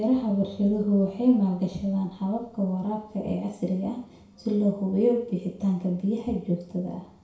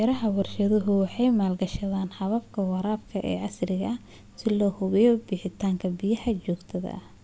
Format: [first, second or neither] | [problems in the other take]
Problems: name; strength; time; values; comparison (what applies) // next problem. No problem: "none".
second | room echo; dies away in 0.6 s